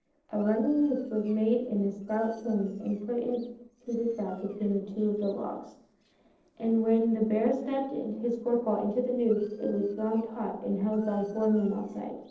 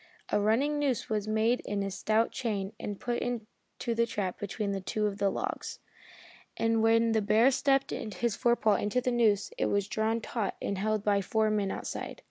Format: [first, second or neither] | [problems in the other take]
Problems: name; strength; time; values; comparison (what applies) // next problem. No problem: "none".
second | noise reduction (neural separator model SepFormer DNS4)